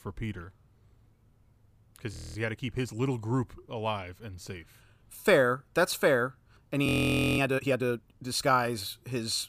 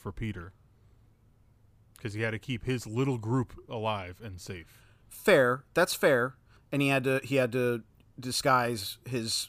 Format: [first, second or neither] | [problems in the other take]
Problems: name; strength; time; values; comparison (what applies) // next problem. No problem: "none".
second | audio freezing; at 2 s and at 7 s for 0.5 s